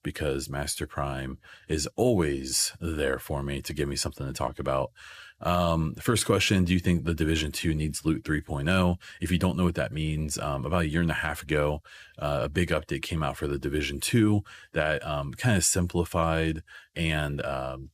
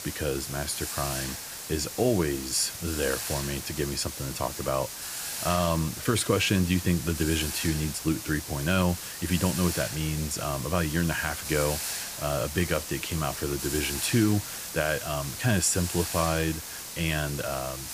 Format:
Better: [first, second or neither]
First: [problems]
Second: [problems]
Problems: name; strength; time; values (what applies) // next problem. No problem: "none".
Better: first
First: none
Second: hiss; loud; throughout; 5 dB below the speech